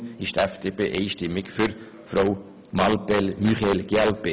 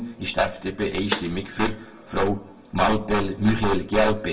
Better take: first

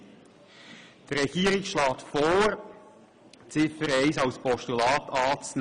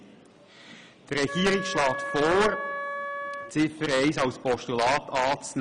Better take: first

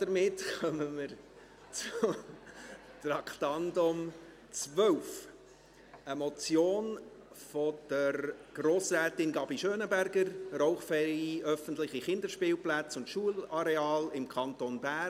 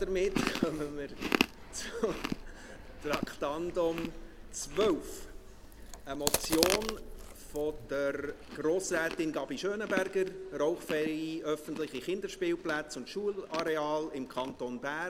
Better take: first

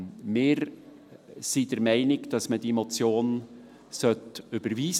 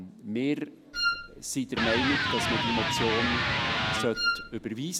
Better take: first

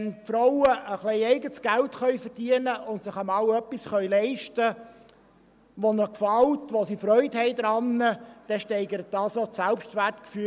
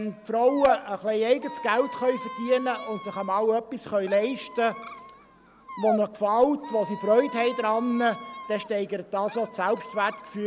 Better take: first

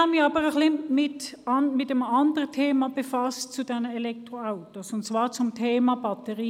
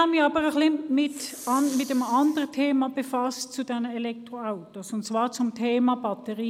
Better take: first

